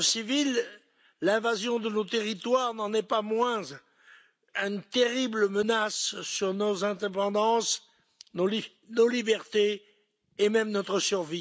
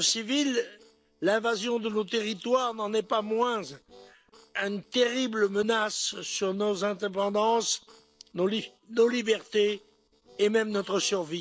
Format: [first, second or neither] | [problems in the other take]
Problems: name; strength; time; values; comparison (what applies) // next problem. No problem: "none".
first | noise reduction (neural separator model SepFormer DNS4)